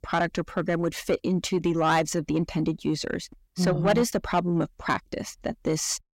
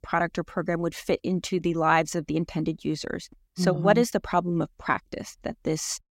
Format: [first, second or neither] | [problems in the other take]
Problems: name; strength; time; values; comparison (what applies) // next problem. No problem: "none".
second | distortion; slight; 10 dB below the speech